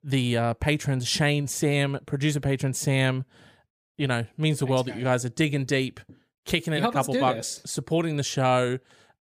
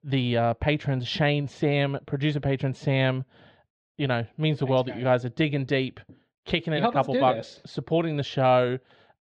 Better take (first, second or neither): first